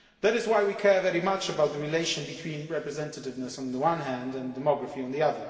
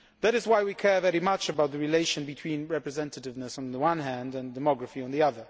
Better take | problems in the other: second | room echo; dies away in 2.1 s

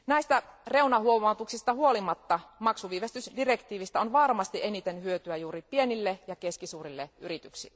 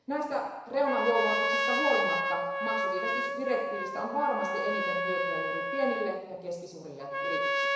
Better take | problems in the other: first | background sound (Trumpet); 1 dB above the speech // room echo; dies away in 1 s

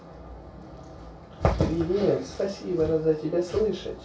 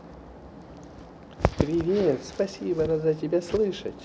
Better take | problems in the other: second | room echo; dies away in 0.2 s

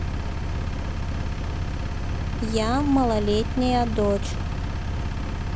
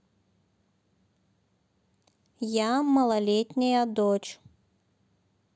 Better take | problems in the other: second | background sound (Engine); 1 dB above the speech

